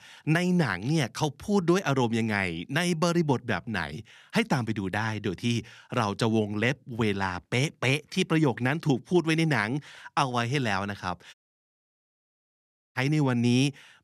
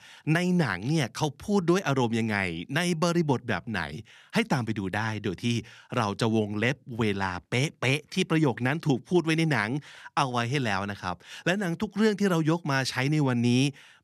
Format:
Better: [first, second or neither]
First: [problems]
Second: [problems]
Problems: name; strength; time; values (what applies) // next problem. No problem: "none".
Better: second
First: audio cutting out; at 11 s for 1.5 s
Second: none